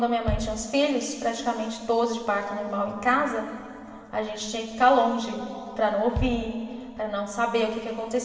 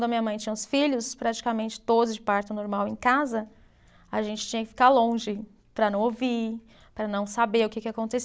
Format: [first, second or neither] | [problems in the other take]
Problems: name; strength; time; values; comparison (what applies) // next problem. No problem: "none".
second | background sound (Bass drum); 10 dB below the speech // room echo; dies away in 2.6 s